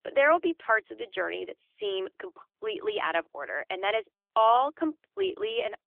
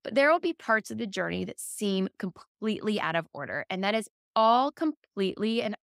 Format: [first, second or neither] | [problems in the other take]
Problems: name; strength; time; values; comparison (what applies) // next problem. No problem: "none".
second | phone-call audio; nothing above 3.5 kHz